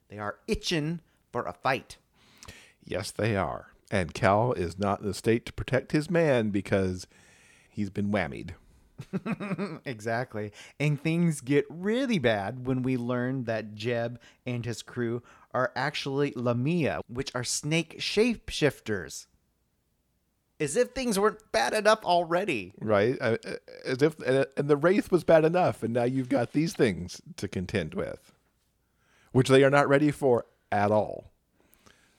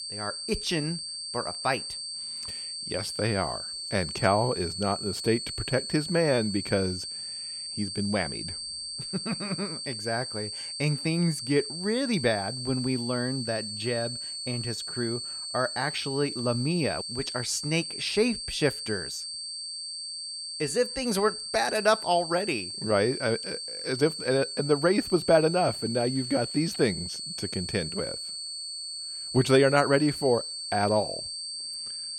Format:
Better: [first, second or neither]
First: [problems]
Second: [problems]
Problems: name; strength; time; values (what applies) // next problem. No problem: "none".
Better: first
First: none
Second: high-pitched whine; loud; throughout; 4.5 kHz, 5 dB below the speech